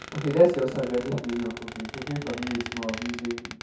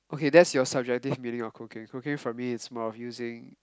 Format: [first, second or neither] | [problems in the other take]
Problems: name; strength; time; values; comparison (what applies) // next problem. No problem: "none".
second | background sound (Squeak); 12 dB below the speech // room echo; dies away in 0.6 s